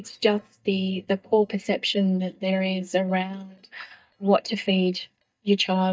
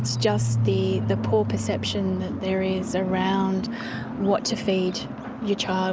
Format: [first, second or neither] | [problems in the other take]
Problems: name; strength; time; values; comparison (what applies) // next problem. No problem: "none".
second | noise reduction (neural mask model DeepFilterNet 3)